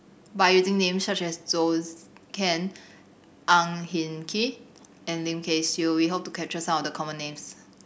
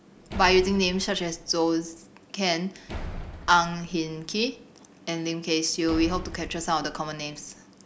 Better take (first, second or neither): first